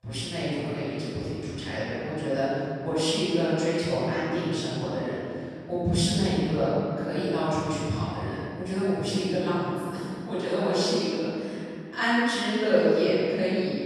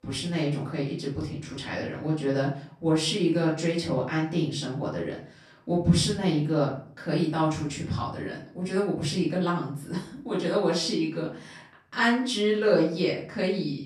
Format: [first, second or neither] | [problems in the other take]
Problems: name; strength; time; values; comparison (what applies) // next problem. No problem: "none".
second | room echo; strong; dies away in 2.2 s; slight in the second // off-mic speech; far; far in the second